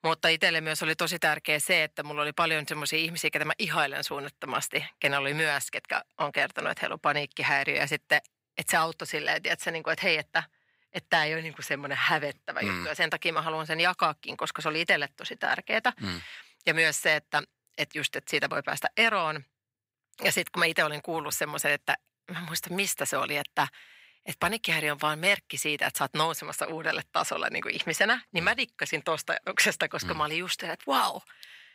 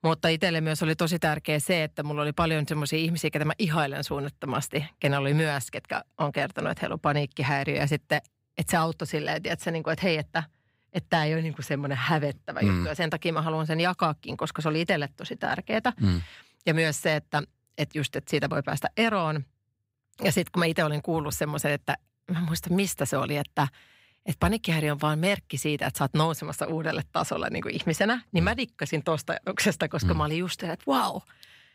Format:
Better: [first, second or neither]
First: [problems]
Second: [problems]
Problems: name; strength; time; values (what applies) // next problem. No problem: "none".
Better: second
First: thin; somewhat; fading below 850 Hz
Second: none